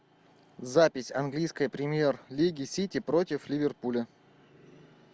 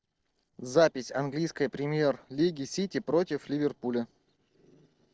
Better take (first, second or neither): first